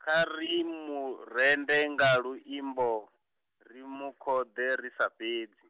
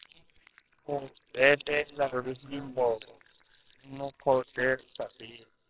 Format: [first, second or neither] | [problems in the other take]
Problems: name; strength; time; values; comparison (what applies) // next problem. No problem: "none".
first | noise reduction (neural separator model SepFormer WHAMR!)